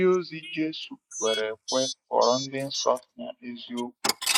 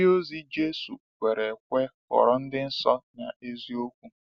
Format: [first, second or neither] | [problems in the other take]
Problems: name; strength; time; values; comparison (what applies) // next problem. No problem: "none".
second | noise reduction (neural mask model Resemble Enhance denoiser)